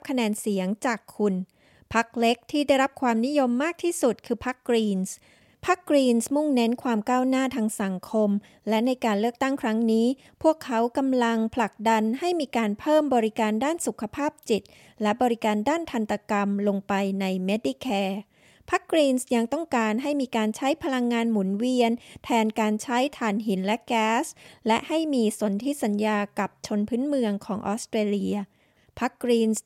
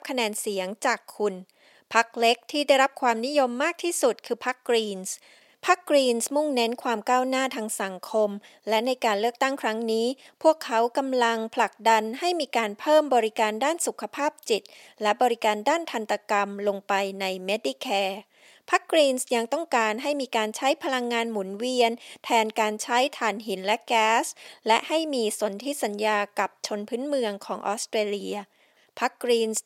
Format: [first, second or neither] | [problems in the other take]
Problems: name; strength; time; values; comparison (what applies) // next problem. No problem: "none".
first | thin; somewhat; fading below 450 Hz